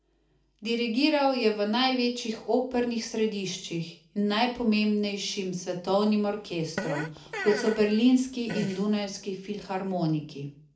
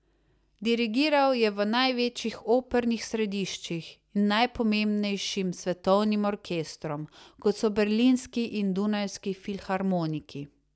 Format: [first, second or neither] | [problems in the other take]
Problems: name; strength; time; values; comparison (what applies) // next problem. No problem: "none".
second | background sound (Fart); 10 dB below the speech // room echo; dies away in 0.4 s